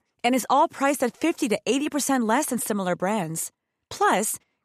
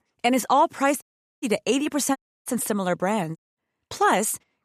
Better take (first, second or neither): first